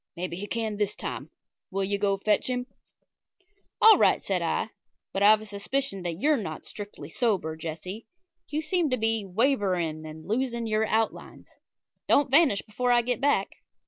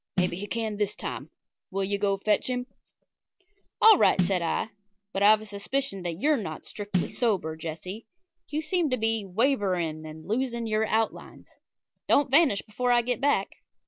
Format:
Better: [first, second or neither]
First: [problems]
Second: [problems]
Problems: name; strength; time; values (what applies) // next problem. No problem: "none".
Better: first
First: none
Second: background sound (Snare drum); 6 dB below the speech